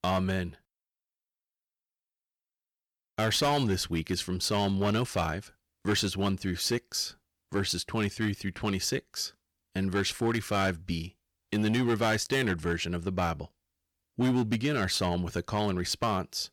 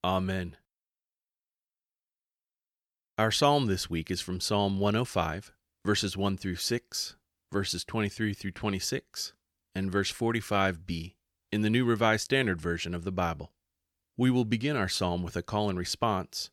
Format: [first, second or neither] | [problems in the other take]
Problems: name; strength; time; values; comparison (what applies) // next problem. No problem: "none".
second | distortion; slight; 6% of the sound clipped